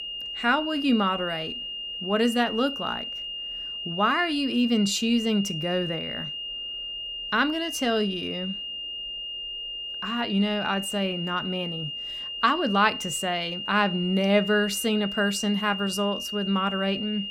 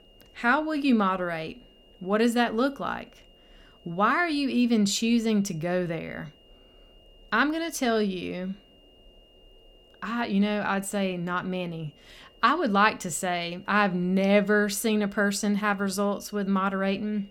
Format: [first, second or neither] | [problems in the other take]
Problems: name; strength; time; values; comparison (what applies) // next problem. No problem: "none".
second | high-pitched whine; loud; throughout; 3 kHz, 6 dB below the speech; faint in the second